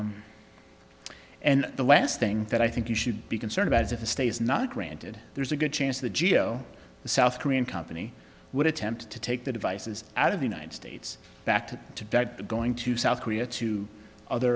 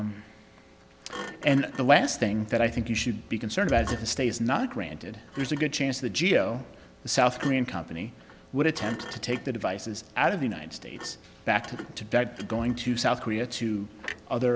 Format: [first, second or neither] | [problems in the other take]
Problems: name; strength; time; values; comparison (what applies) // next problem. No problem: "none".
first | background sound (Thump, thud); 18 dB below the speech